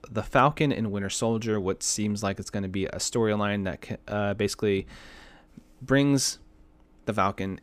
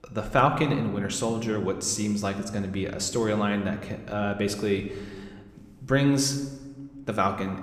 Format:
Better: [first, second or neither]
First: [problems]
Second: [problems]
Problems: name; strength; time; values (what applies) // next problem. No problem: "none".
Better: first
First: none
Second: room echo; slight; dies away in 1 s